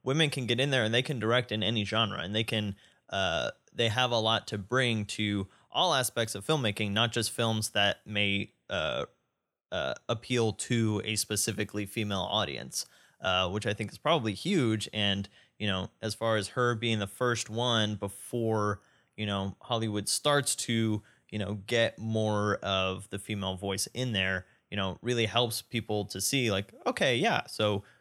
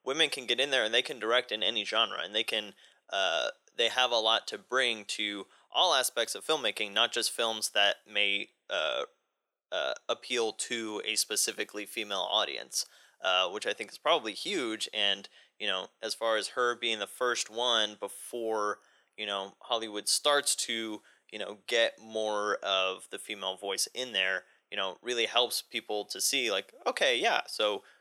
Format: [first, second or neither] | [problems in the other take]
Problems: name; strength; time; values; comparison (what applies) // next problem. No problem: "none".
first | thin; very; fading below 400 Hz